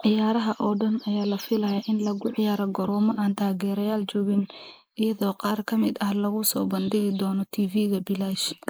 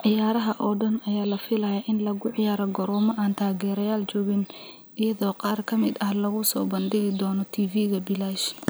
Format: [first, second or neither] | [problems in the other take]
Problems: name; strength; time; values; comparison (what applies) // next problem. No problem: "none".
second | noise reduction (neural mask model Resemble Enhance denoiser)